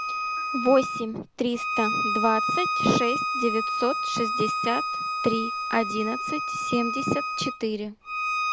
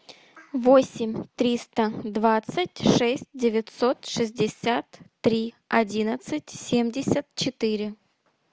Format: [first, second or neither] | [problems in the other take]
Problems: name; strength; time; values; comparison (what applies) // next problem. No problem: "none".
second | background sound (Bowed string instrument); 1 dB below the speech